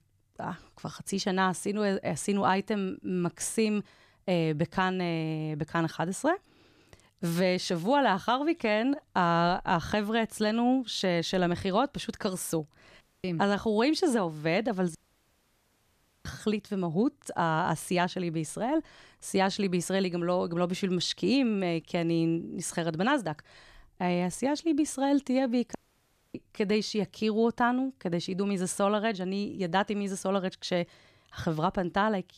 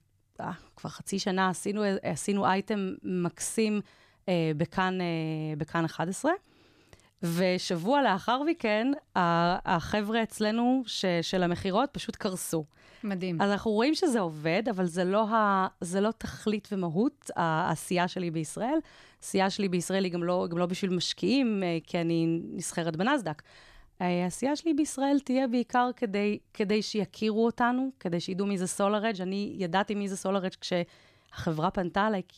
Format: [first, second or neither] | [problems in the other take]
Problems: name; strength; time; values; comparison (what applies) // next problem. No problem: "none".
second | audio cutting out; at 13 s, at 15 s for 1.5 s and at 26 s for 0.5 s